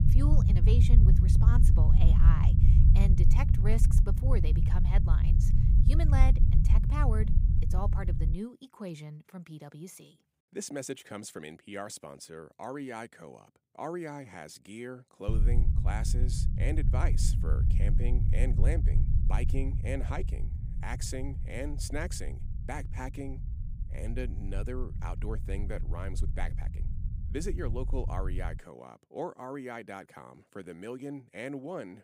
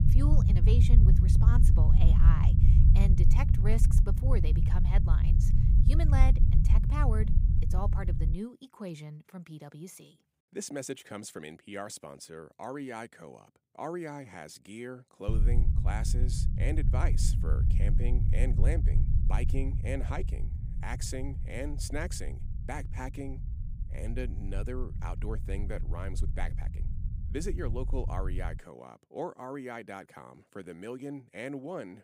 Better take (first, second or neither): neither